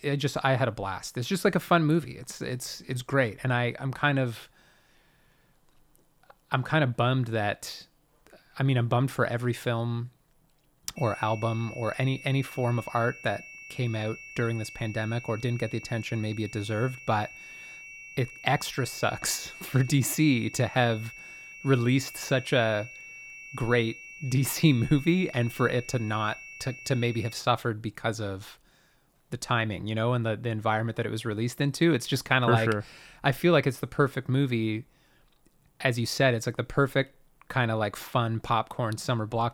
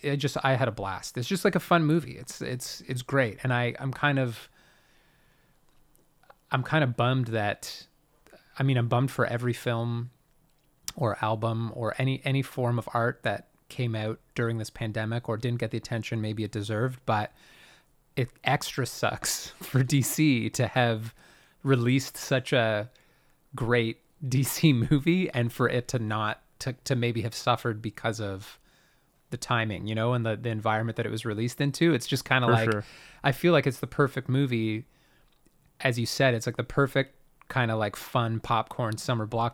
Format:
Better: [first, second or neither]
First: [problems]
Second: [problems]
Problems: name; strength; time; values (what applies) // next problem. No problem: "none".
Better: second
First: high-pitched whine; noticeable; from 11 to 27 s; 2.5 kHz, 15 dB below the speech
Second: none